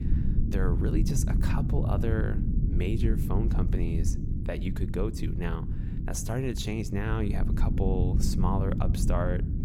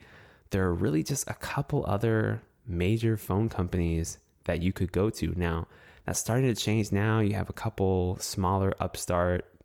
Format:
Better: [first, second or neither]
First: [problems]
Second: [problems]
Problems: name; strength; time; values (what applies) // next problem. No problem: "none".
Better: second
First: low rumble; loud; throughout; 5 dB below the speech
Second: none